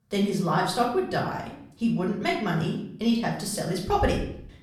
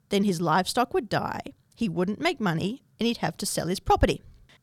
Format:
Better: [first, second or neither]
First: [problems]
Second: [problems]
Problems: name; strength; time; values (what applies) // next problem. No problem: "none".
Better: second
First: off-mic speech; far // room echo; slight; dies away in 0.6 s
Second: none